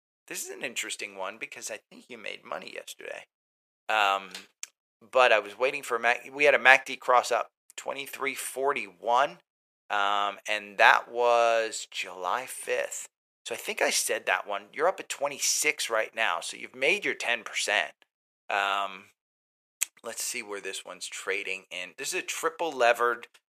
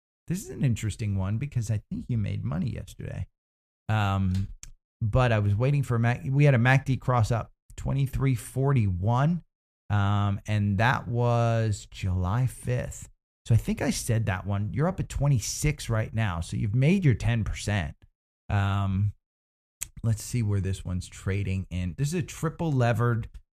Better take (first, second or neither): second